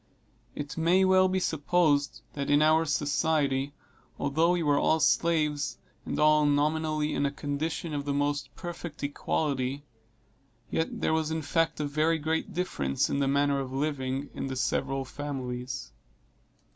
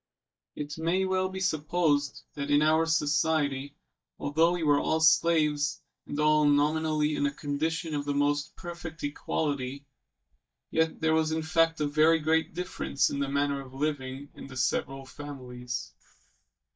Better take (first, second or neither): first